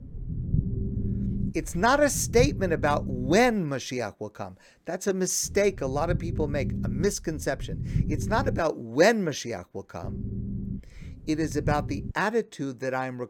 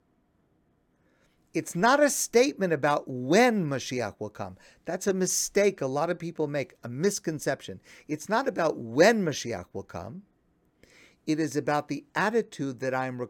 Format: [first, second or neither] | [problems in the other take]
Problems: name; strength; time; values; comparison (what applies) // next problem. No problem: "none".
second | low rumble; noticeable; until 3.5 s, from 5.5 to 8.5 s and from 10 to 12 s; 15 dB below the speech